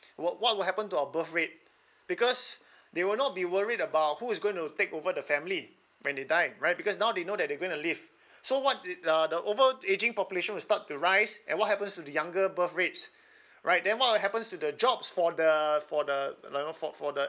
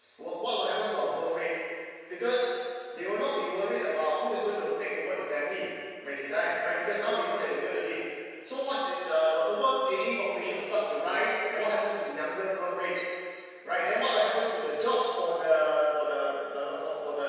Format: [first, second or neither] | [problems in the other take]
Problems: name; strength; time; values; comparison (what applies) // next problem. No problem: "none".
first | room echo; dies away in 1.9 s